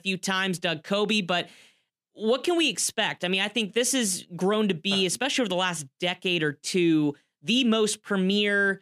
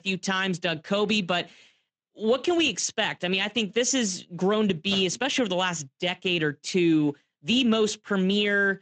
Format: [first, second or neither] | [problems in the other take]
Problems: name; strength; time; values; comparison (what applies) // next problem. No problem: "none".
first | garbled, watery; slightly; nothing above 7.5 kHz